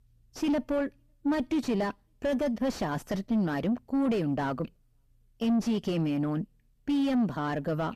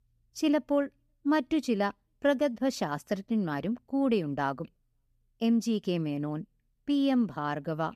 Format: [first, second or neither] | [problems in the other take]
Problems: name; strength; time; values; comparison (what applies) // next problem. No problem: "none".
second | distortion; heavy; 6 dB below the speech